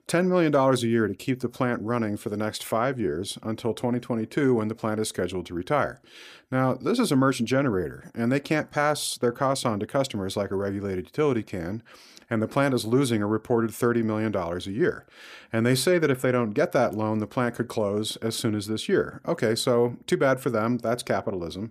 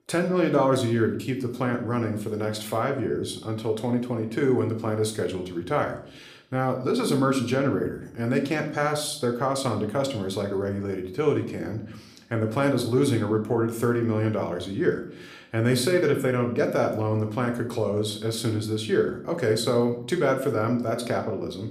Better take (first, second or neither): first